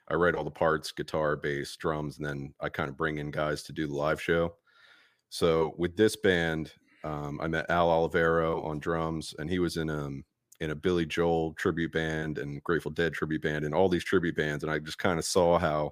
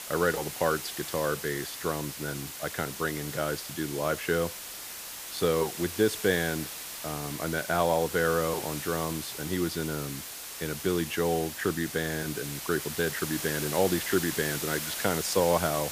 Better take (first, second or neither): first